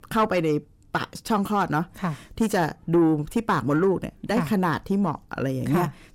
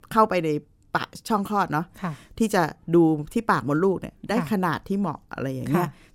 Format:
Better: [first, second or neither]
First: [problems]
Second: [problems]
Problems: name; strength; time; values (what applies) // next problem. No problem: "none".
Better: second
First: distortion; slight; 10 dB below the speech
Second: none